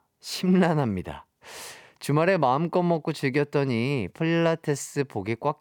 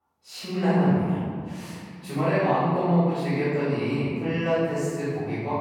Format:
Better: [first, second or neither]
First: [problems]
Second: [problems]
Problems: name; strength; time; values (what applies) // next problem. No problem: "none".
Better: first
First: none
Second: off-mic speech; far // room echo; strong; dies away in 2.1 s